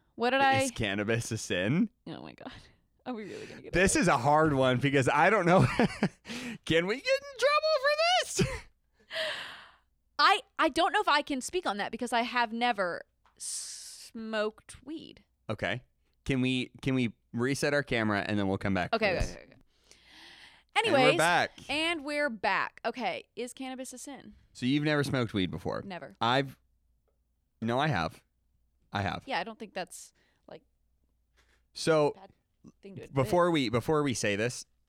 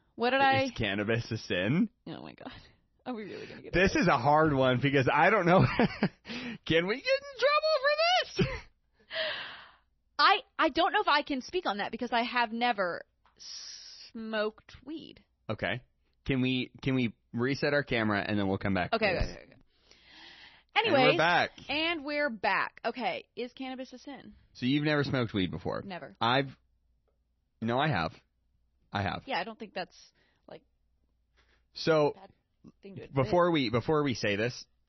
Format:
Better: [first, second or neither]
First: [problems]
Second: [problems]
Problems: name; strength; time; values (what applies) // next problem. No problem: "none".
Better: first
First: none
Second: garbled, watery; slightly; nothing above 6 kHz